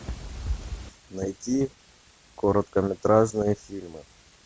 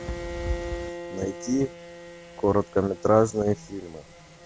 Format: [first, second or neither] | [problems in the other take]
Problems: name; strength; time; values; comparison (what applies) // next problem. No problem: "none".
first | background sound (Bowed string instrument); 12 dB below the speech